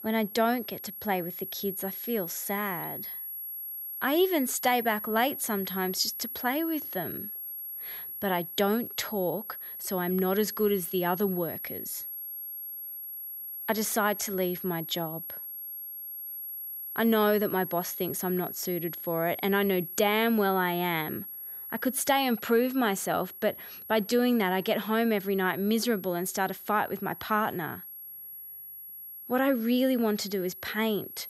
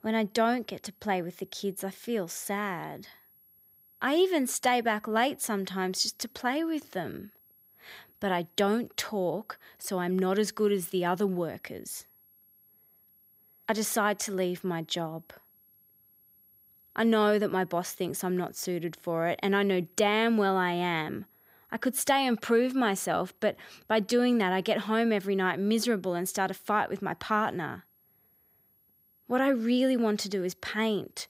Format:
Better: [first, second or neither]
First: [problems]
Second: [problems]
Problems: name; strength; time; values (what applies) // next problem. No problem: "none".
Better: second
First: high-pitched whine; loud; throughout; 11.5 kHz, 8 dB below the speech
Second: high-pitched whine; faint; throughout; 11.5 kHz, 30 dB below the speech